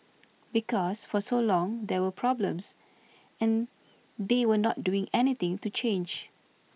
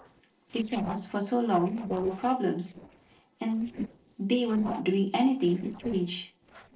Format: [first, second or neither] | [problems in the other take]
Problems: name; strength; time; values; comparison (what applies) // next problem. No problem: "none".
first | noise reduction (neural separator model SepFormer DNS4)